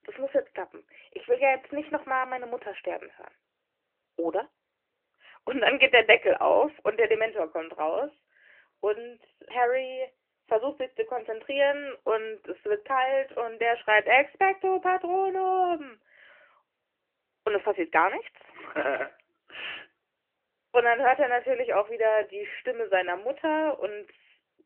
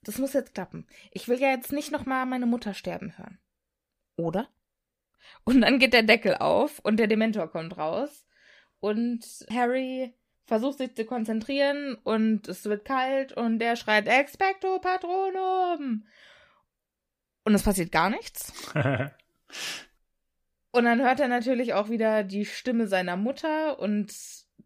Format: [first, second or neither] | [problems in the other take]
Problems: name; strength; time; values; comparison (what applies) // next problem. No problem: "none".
second | phone-call audio; nothing above 3 kHz